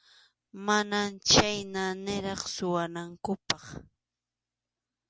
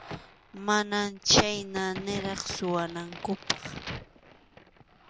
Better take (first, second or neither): first